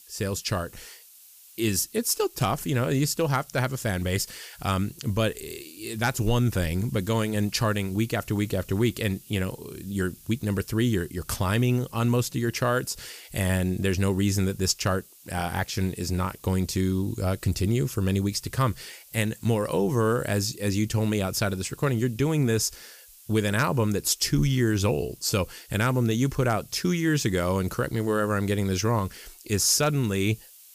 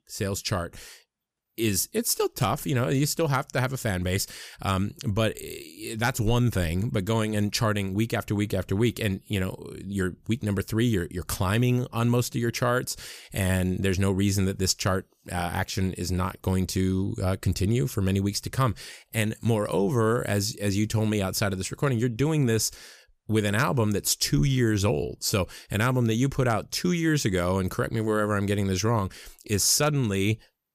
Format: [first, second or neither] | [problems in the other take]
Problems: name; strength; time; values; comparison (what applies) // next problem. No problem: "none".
second | hiss; faint; throughout; 20 dB below the speech